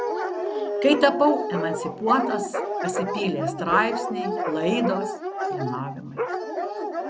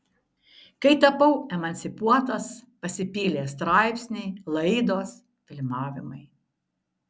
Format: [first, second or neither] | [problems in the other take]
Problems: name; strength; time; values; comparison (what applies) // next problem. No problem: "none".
second | background sound (Dog); 2 dB below the speech